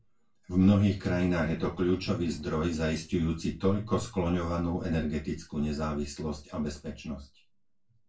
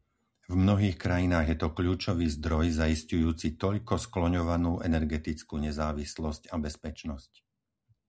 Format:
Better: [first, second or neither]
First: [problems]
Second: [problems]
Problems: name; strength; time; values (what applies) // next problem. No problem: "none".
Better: second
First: noise reduction (neural separator model SepFormer DNS4)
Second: none